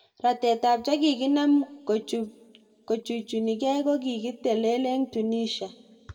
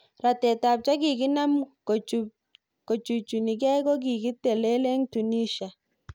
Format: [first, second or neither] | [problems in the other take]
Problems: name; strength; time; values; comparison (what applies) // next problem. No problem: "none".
second | room echo; dies away in 1.6 s